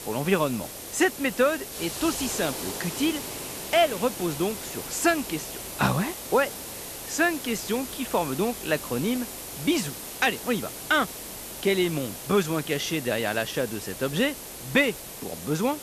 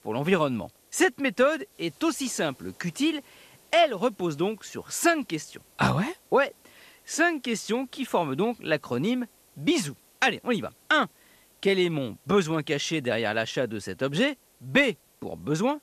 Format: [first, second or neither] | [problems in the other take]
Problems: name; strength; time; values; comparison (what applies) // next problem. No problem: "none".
second | hiss; loud; throughout; 8 dB below the speech; faint in the second